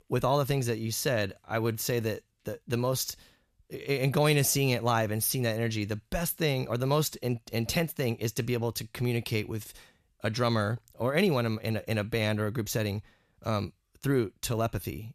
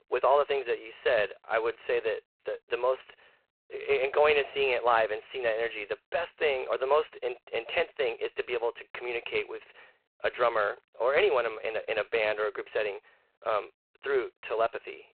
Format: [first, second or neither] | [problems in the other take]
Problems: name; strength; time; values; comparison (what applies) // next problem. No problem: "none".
first | phone-call audio; poor line; nothing above 4 kHz